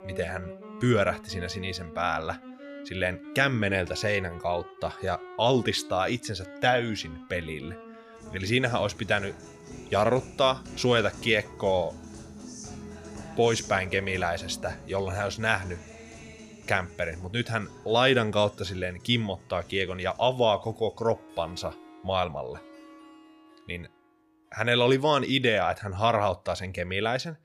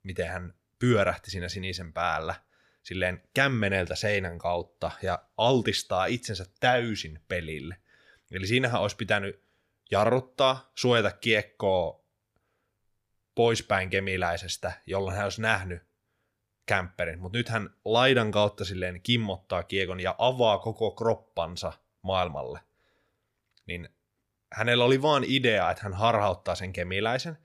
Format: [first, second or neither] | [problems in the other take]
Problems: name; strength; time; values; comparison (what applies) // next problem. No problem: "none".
second | background music; noticeable; throughout; 15 dB below the speech